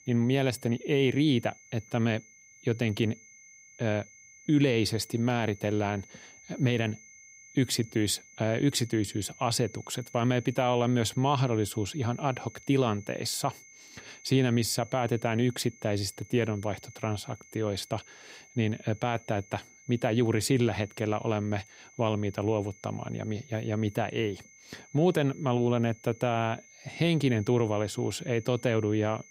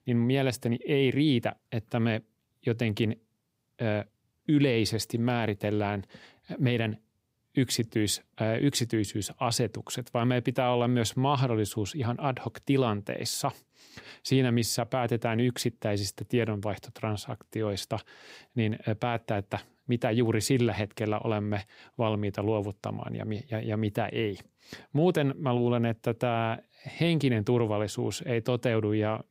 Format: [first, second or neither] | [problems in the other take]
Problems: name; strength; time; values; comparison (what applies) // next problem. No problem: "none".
second | high-pitched whine; faint; throughout; 2 kHz, 25 dB below the speech